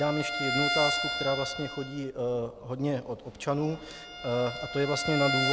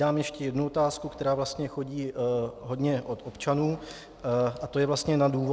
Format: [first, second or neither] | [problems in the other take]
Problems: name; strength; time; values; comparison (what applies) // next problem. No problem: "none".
second | background sound (Bowed string instrument); 3 dB below the speech